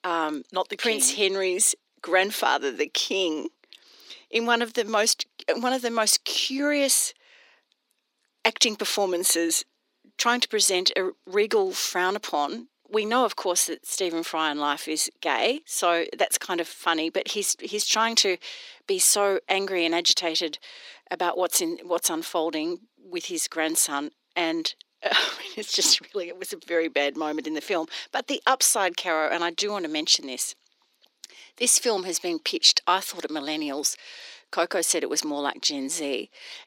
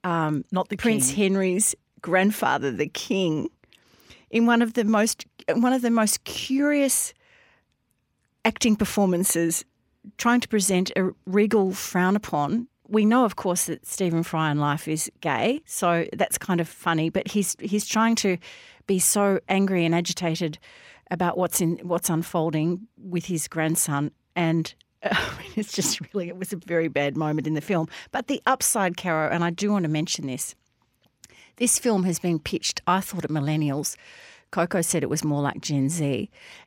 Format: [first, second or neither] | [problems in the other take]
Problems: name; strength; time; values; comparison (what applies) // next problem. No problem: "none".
second | thin; somewhat; fading below 300 Hz